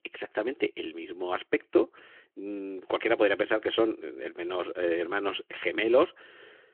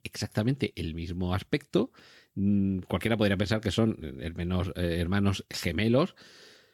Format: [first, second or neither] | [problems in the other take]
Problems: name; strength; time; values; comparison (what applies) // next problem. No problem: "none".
second | phone-call audio